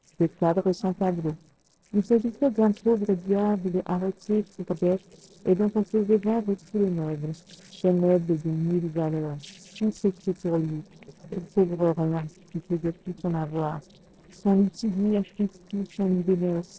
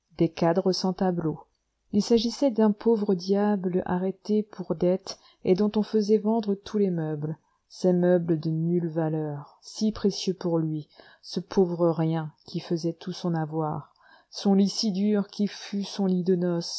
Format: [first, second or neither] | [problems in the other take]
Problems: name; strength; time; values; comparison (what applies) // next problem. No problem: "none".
second | noise reduction (neural separator model SepFormer DNS4)